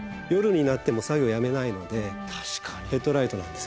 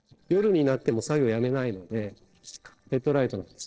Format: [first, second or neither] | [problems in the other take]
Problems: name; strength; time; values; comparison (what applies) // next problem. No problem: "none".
first | noise reduction (neural separator model SepFormer DNS4)